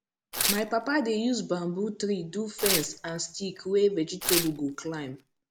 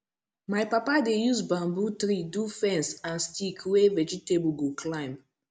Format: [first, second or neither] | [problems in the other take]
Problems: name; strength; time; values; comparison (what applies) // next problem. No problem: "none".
second | background sound (Tearing); 4 dB below the speech